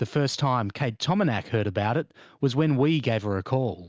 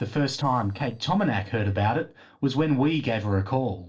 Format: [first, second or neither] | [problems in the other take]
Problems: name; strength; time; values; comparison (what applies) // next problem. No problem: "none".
first | noise reduction (neural separator model SepFormer DNS4)